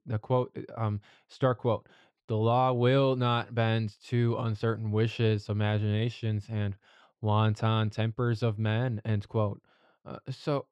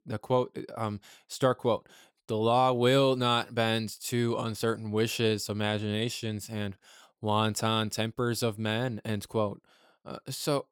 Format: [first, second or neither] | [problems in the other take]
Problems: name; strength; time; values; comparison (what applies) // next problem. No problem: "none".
second | muffled; slightly; fading above 3 kHz